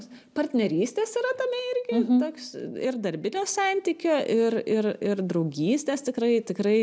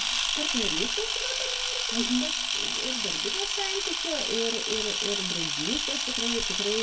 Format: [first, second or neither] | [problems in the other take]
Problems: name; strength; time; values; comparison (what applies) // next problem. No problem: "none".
first | background sound (Camera); 5 dB above the speech // room echo; dies away in 0.2 s